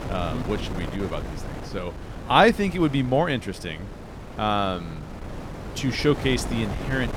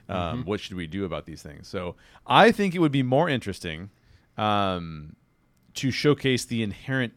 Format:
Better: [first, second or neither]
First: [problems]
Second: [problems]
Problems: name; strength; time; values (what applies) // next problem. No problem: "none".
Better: second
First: wind noise on the microphone; occasional gusts; 15 dB below the speech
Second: none